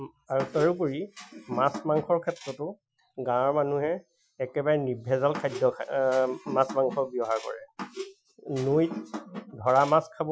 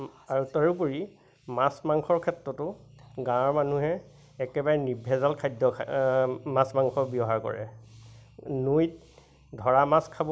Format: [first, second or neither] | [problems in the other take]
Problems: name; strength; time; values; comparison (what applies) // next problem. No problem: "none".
second | noise reduction (classical method Wiener filter)